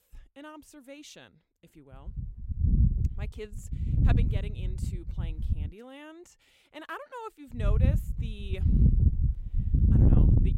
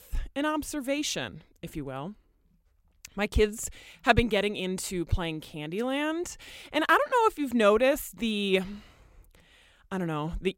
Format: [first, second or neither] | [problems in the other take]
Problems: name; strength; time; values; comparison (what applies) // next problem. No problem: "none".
second | wind noise on the microphone; heavy; from 2 to 5.5 s and from 7.5 s on; 3 dB above the speech